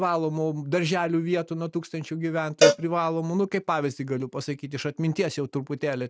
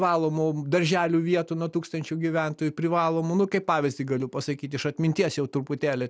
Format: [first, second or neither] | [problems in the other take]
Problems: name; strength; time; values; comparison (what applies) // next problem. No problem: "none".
second | noise reduction (neural mask model RNNoise)